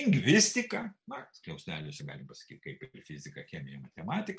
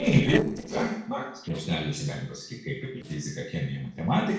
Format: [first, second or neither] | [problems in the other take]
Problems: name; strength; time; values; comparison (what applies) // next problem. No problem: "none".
first | noise reduction (neural separator model SepFormer DNS4)